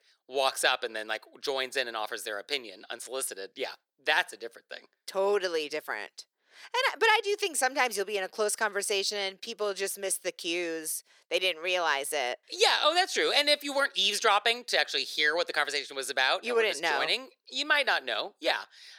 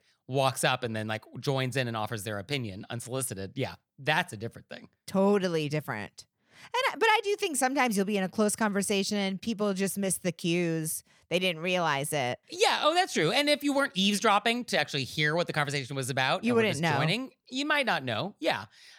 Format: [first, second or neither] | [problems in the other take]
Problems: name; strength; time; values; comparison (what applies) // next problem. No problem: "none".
second | thin; very; fading below 400 Hz